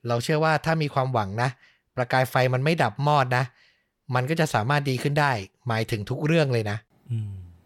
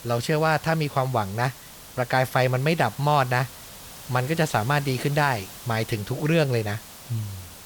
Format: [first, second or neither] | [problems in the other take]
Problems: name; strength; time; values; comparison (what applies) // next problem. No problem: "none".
first | hiss; noticeable; throughout; 15 dB below the speech